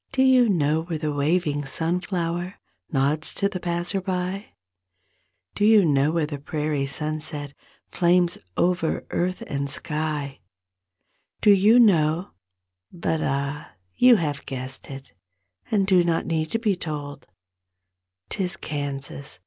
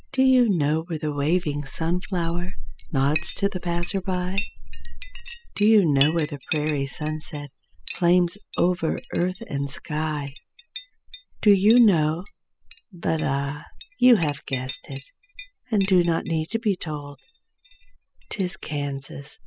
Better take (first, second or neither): first